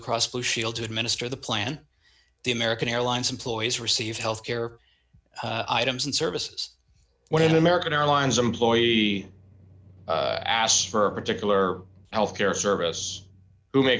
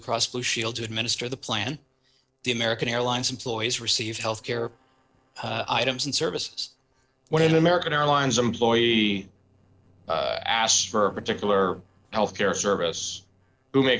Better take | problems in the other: first | noise reduction (neural separator model SepFormer DNS4)

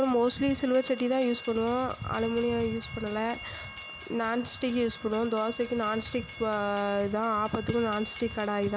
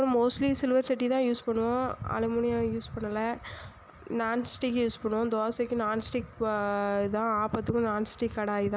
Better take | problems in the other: second | background sound (Train); 16 dB below the speech

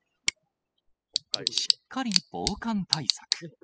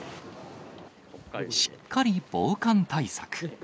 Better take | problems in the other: second | noise reduction (classical method spectral subtraction)

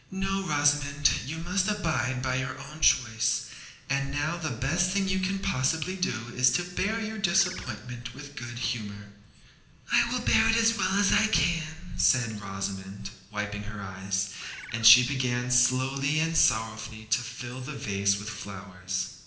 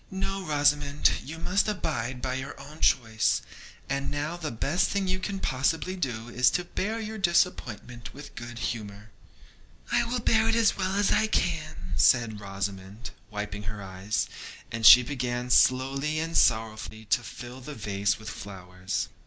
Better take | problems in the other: second | background sound (Bird); 15 dB below the speech // room echo; dies away in 0.8 s

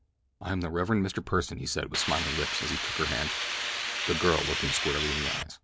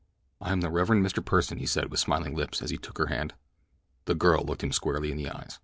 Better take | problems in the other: second | background sound (Hiss); as loud as the speech

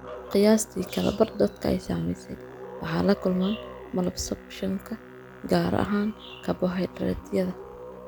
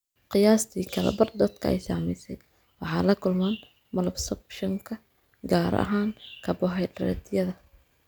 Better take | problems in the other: second | background sound (Musical instrument); 15 dB below the speech

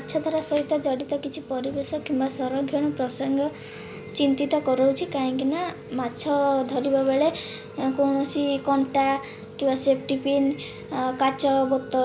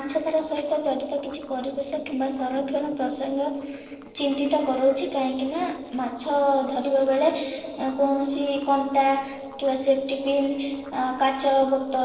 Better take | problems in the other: first | noise reduction (neural separator model SepFormer DNS4)

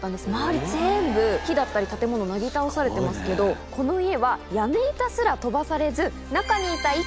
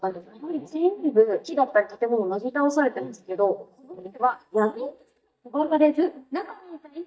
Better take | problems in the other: first | noise reduction (neural mask model DeepFilterNet 3)

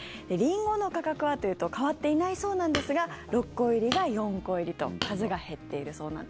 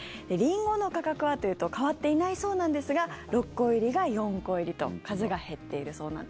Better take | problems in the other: second | background sound (Hammer); 11 dB below the speech

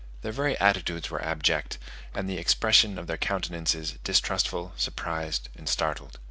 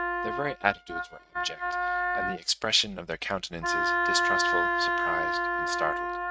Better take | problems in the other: first | noise reduction (neural mask model RNNoise)

